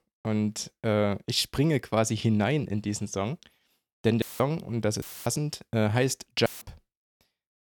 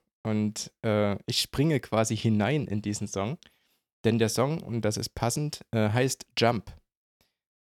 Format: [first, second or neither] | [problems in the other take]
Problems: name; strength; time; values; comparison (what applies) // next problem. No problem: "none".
second | audio cutting out; filled with static; at 4 s, at 5 s and at 6.5 s